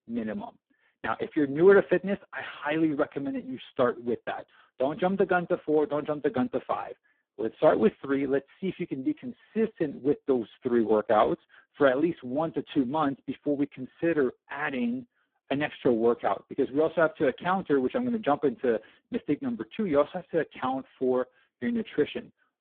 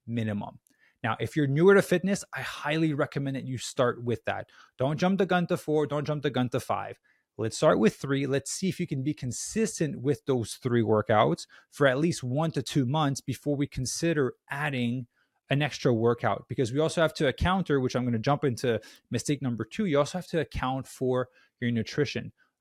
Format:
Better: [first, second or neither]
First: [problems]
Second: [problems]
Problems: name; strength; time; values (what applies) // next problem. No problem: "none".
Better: second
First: phone-call audio; poor line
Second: none